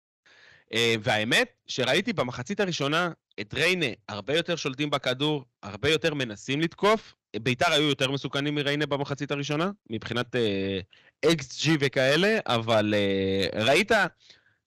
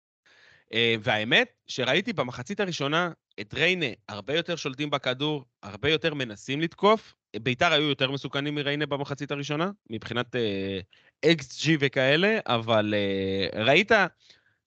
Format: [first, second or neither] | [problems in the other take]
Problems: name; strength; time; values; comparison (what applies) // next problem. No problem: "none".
second | distortion; slight; 3% of the sound clipped